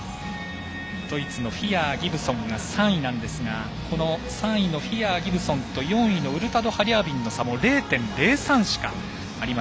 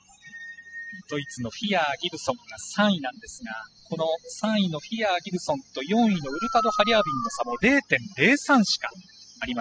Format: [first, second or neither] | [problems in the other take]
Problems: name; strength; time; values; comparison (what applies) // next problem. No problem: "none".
first | noise reduction (classical method spectral subtraction)